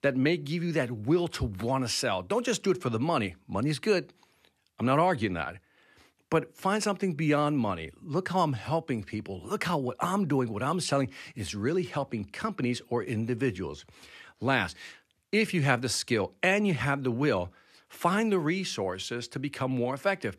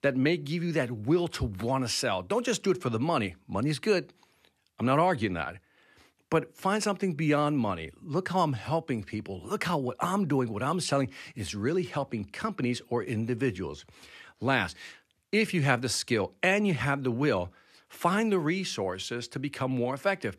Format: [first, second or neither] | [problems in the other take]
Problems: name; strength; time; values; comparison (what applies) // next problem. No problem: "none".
neither | none